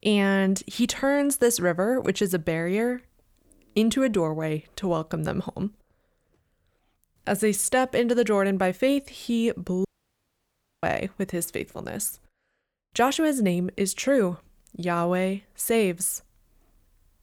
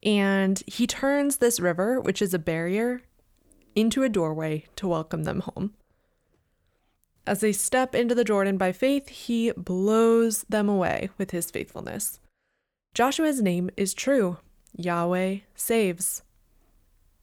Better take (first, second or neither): second